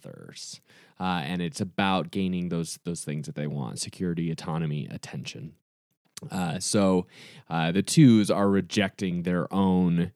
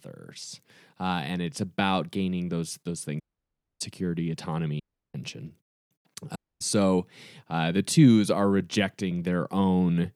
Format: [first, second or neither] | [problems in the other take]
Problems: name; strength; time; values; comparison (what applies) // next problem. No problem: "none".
first | audio cutting out; at 3 s for 0.5 s, at 5 s and at 6.5 s